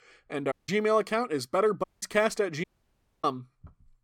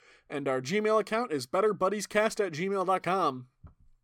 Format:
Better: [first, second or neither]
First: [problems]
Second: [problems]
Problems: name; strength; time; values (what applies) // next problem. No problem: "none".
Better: second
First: audio cutting out; at 0.5 s, at 2 s and at 2.5 s for 0.5 s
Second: none